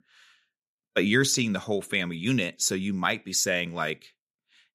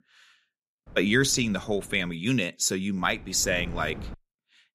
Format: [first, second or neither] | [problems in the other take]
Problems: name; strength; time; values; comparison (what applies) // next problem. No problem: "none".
first | wind noise on the microphone; occasional gusts; from 1 to 2 s and from 3 to 4 s; 25 dB below the speech